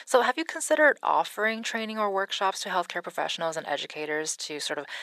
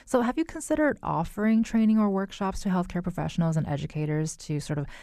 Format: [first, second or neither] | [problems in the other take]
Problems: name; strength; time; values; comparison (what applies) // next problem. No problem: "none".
second | thin; very; fading below 500 Hz